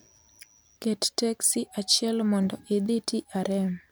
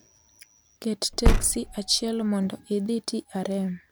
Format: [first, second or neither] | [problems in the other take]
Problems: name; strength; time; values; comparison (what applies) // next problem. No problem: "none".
first | background sound (Car); 5 dB above the speech